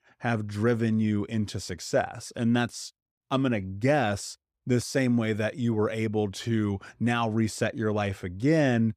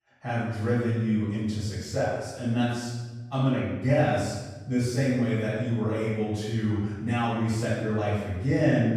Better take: first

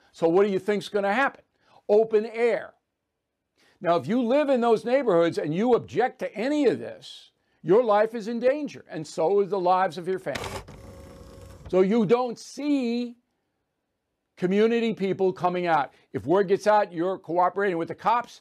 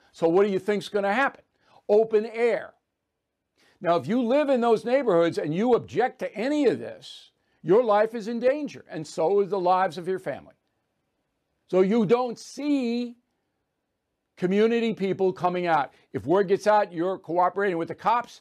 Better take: second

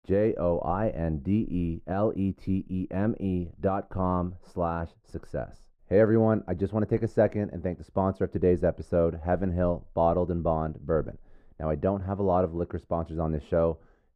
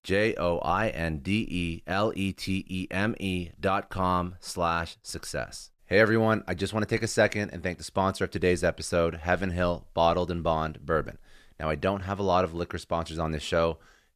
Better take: second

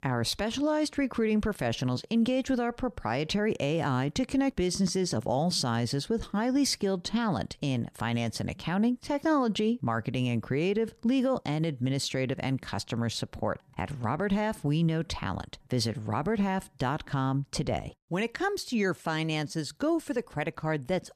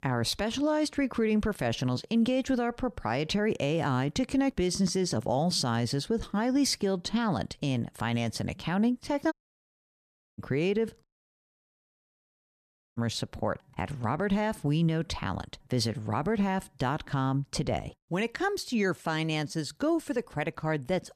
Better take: first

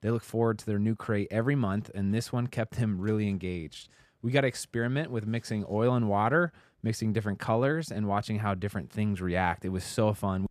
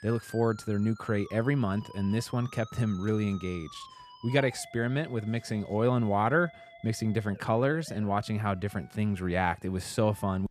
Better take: first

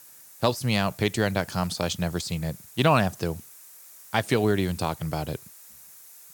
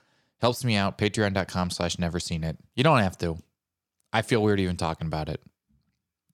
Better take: second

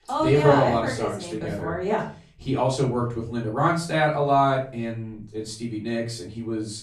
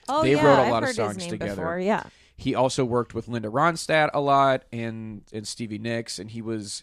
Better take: second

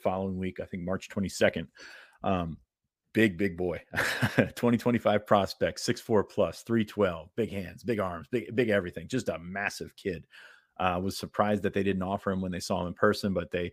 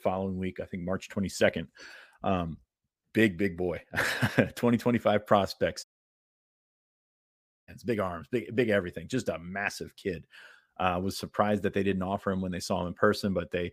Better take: first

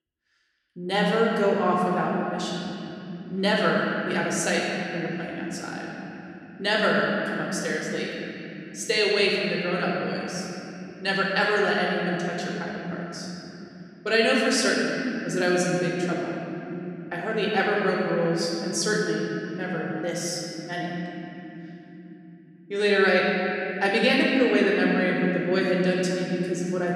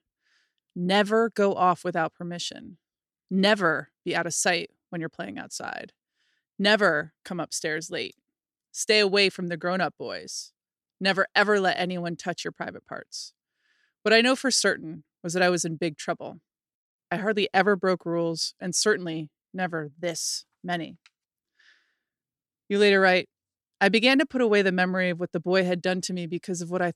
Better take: second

